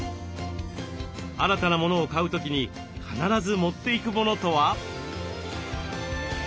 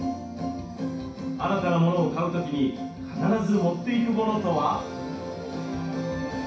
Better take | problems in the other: first | room echo; dies away in 0.6 s

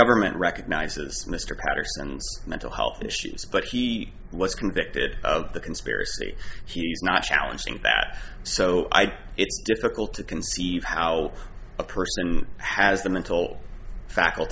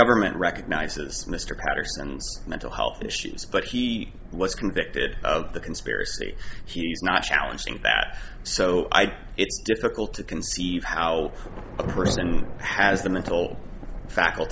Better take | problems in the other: first | background sound (Thunder / Rain); 14 dB below the speech

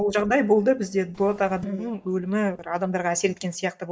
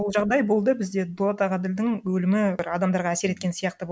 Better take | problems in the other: second | noise reduction (neural mask model DeepFilterNet 3)

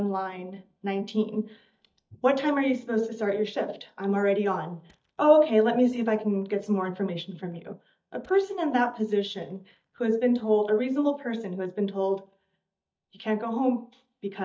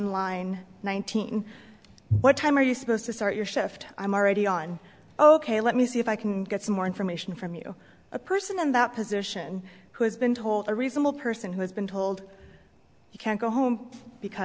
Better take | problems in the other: second | noise reduction (neural mask model DeepFilterNet 3)

